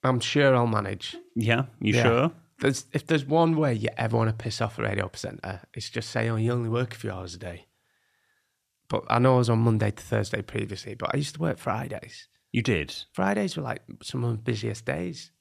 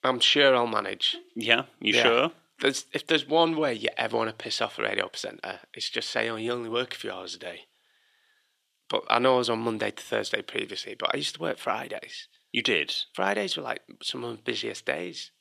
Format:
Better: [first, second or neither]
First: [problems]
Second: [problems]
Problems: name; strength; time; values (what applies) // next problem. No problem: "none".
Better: first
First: none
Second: thin; somewhat; fading below 350 Hz